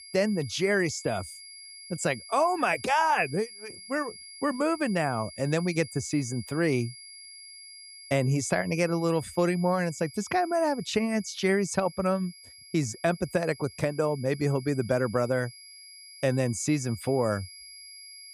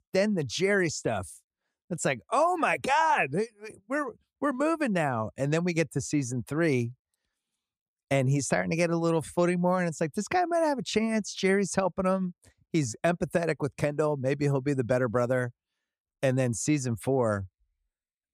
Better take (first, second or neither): second